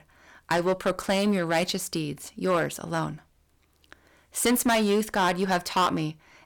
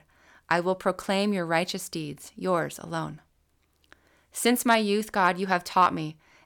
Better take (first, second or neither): second